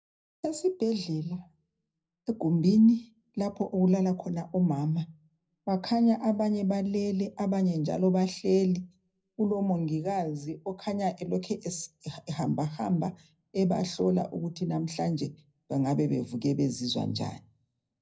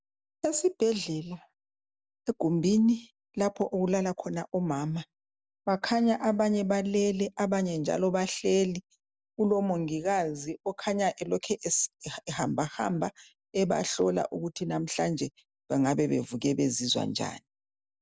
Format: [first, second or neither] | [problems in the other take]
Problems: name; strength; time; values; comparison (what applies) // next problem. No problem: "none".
second | room echo; dies away in 0.3 s